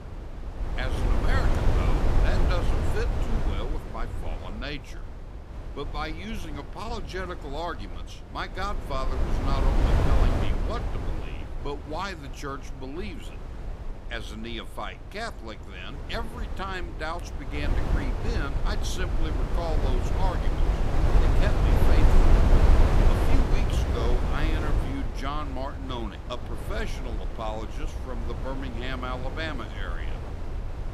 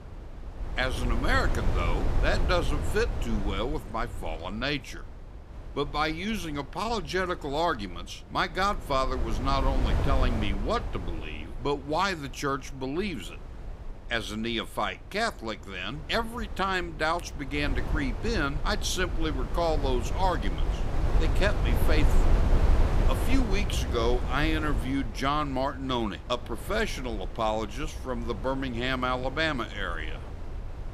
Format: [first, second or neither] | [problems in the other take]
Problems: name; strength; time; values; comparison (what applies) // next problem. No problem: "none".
second | wind noise on the microphone; heavy; 1 dB below the speech; occasional gusts in the second